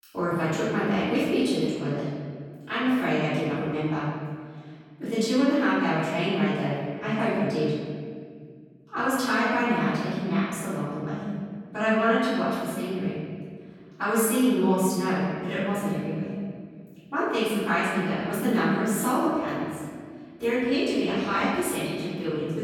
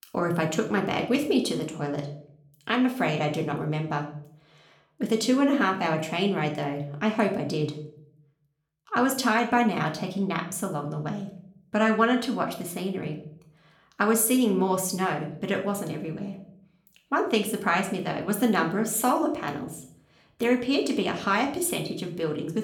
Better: second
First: room echo; strong; dies away in 1.9 s // off-mic speech; far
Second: room echo; slight; dies away in 0.5 s // off-mic speech; somewhat distant

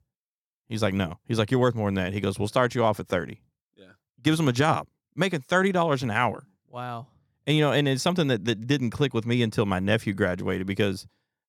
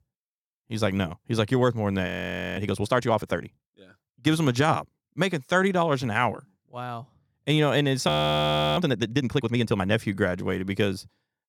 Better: first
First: none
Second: audio freezing; at 2 s for 0.5 s and at 8 s for 0.5 s

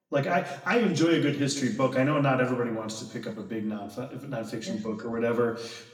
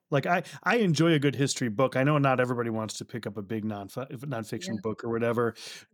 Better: second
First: room echo; slight; dies away in 0.9 s // off-mic speech; far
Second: none

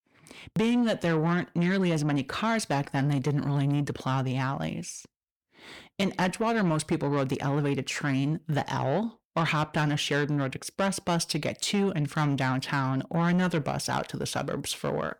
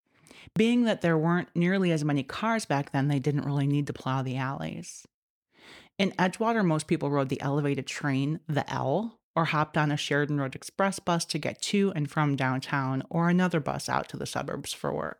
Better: second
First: distortion; slight; 10 dB below the speech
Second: none

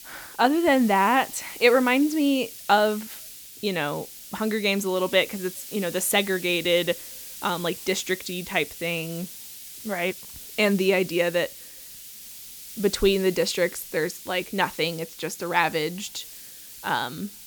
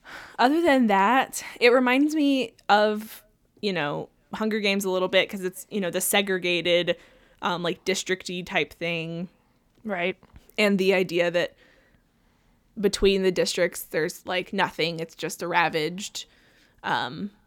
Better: second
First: hiss; noticeable; throughout; 15 dB below the speech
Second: none

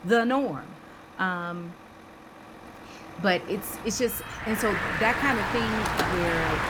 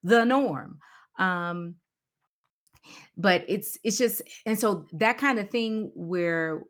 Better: second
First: traffic noise; loud; throughout; 1 dB below the speech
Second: none

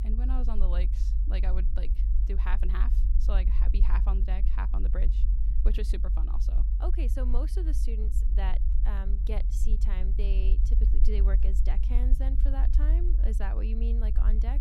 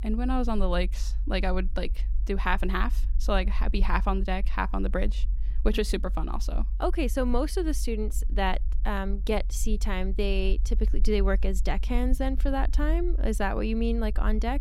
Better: second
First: low rumble; loud; throughout; 7 dB below the speech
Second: low rumble; faint; throughout; 25 dB below the speech

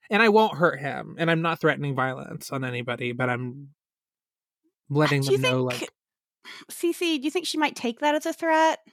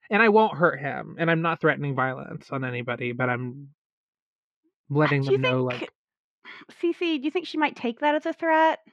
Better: first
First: none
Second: muffled; slightly; fading above 2.5 kHz

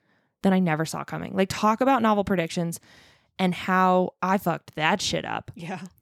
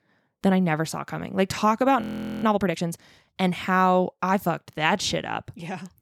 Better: first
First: none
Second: audio freezing; at 2 s

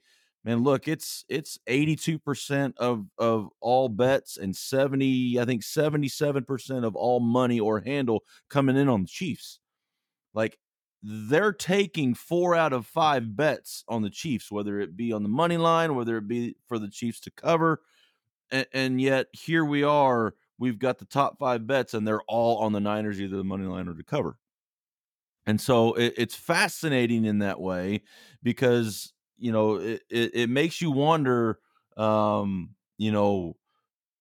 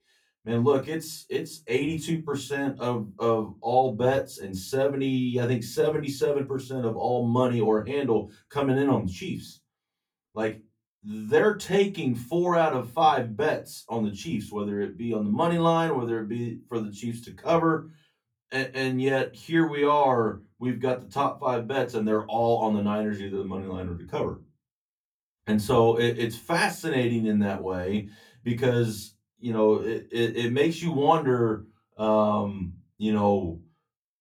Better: first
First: none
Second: off-mic speech; far // room echo; very slight; dies away in 0.2 s

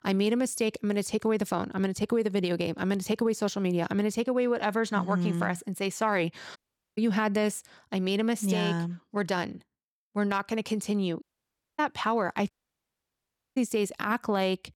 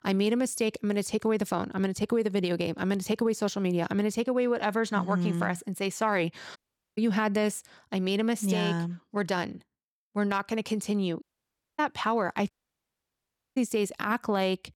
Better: neither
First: audio cutting out; at 6.5 s, at 11 s for 0.5 s and at 13 s for 1 s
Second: audio cutting out; at 6.5 s, at 11 s for 0.5 s and at 13 s for 1 s

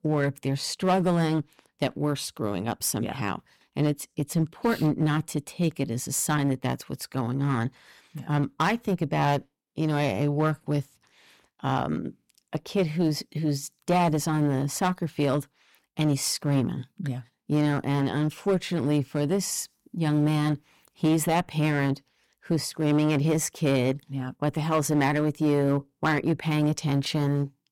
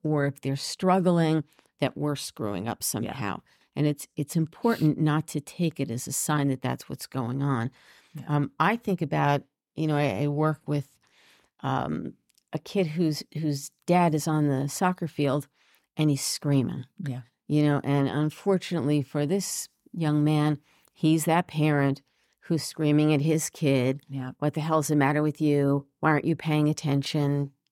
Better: second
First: distortion; slight; 7% of the sound clipped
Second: none

